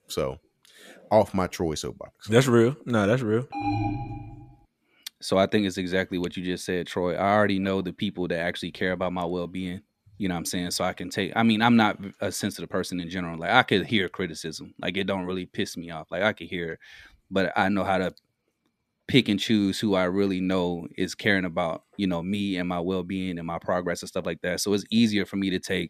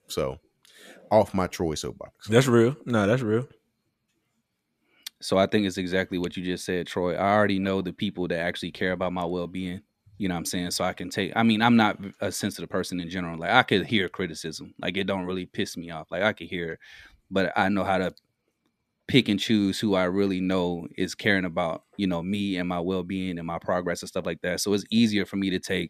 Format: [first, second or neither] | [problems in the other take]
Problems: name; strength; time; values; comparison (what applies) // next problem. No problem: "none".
second | alarm; noticeable; at 3.5 s; peak 2 dB below the speech